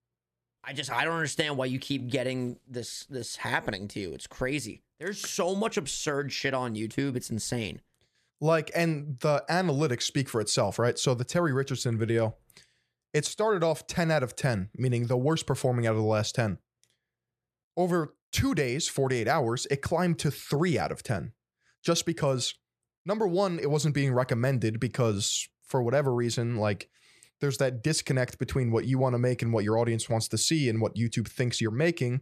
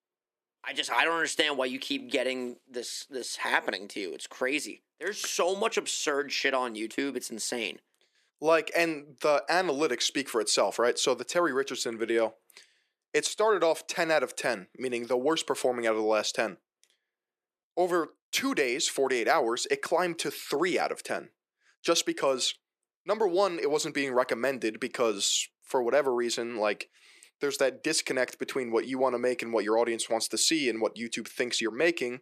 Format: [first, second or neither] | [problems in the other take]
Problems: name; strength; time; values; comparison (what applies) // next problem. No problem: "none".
first | thin; somewhat; fading below 300 Hz